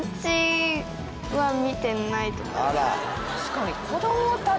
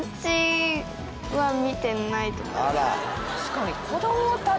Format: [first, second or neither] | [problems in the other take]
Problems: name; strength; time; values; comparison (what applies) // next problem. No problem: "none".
second | background sound (Acoustic guitar); 17 dB below the speech